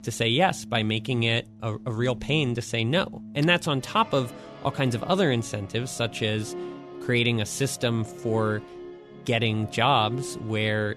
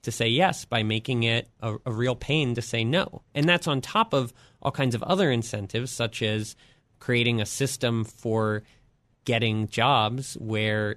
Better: second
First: background music; noticeable; throughout; 15 dB below the speech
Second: none

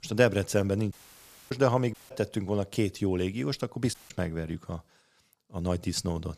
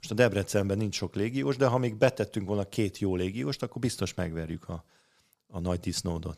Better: second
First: audio cutting out; at 1 s for 0.5 s, at 2 s and at 4 s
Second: none

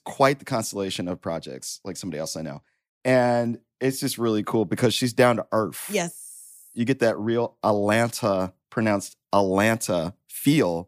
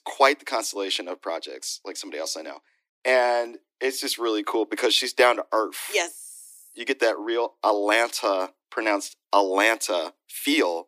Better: first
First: none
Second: thin; somewhat; fading below 300 Hz

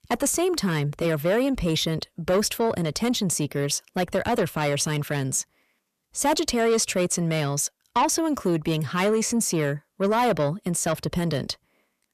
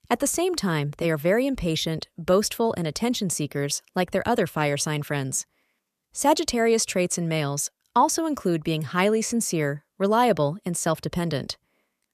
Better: second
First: distortion; slight; 10 dB below the speech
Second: none

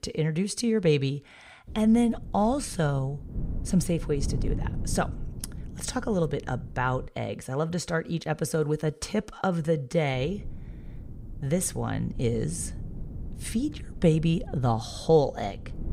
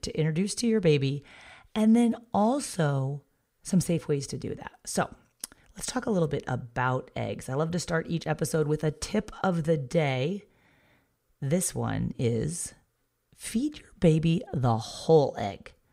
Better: second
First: wind noise on the microphone; occasional gusts; from 1.5 to 7 s and from 10 s on; 20 dB below the speech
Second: none

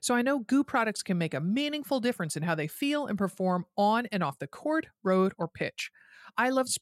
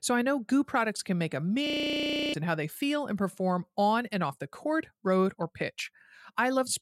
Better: first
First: none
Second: audio freezing; at 1.5 s for 0.5 s

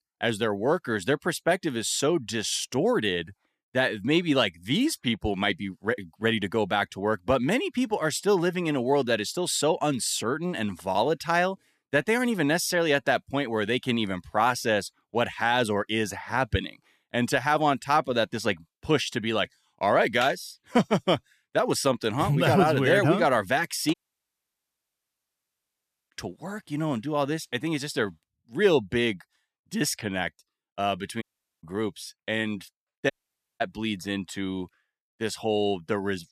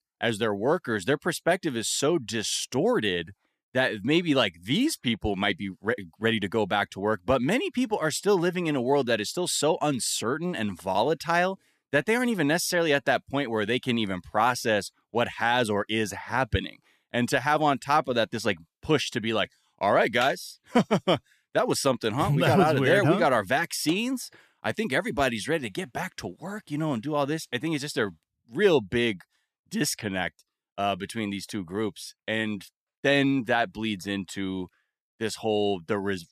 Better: second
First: audio cutting out; at 24 s for 2 s, at 31 s and at 33 s for 0.5 s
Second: none

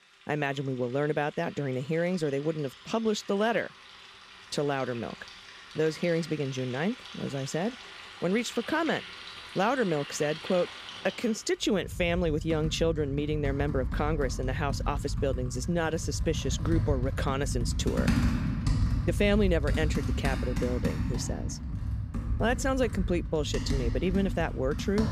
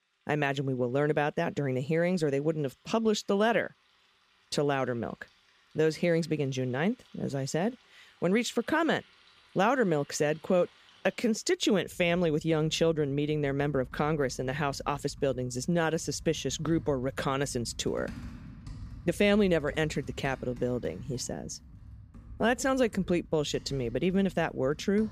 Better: second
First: household noises; loud; throughout; 4 dB below the speech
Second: household noises; faint; throughout; 20 dB below the speech

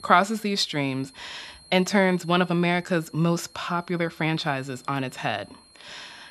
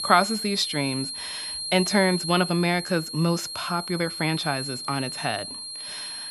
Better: first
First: high-pitched whine; faint; throughout; 4 kHz, 25 dB below the speech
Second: high-pitched whine; loud; throughout; 4 kHz, 6 dB below the speech

